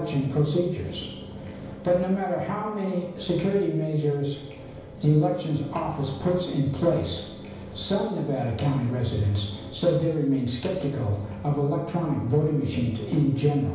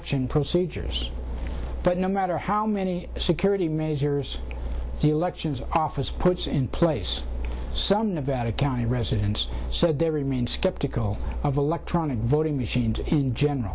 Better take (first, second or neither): second